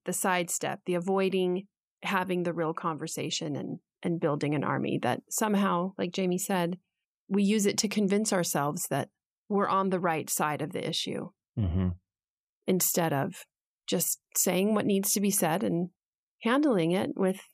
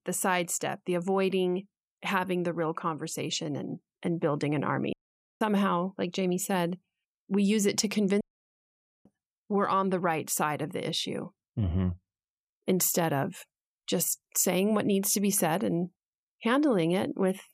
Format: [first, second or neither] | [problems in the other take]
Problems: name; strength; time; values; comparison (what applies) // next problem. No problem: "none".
first | audio cutting out; at 5 s and at 8 s for 1 s